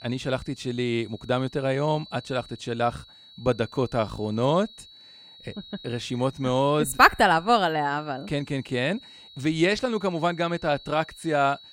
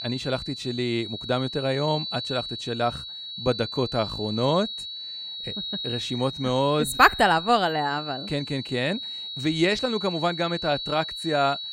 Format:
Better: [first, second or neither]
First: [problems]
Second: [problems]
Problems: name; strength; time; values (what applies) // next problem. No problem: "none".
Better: first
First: high-pitched whine; faint; throughout; 4 kHz, 20 dB below the speech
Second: high-pitched whine; loud; throughout; 4 kHz, 7 dB below the speech